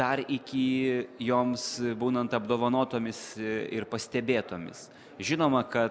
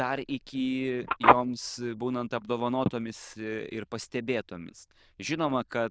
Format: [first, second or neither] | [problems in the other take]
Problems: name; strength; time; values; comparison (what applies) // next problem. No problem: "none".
first | noise reduction (neural diffusion model UNIVERSE++)